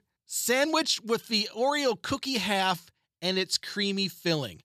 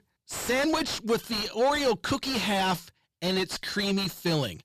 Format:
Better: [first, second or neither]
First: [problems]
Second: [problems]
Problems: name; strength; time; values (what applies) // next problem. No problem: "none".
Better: first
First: none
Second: distortion; heavy; 6 dB below the speech